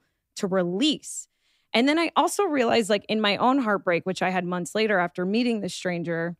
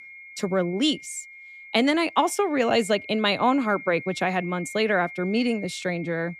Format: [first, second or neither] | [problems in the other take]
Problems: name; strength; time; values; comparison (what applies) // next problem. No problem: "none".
first | high-pitched whine; noticeable; throughout; 2 kHz, 15 dB below the speech